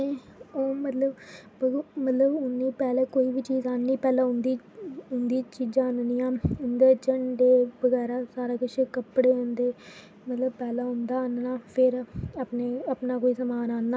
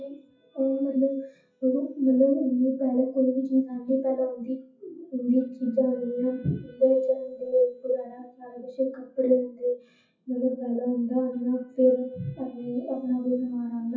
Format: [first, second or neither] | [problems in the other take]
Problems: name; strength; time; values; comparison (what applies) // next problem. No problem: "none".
first | noise reduction (classical method WPE with log-MMSE)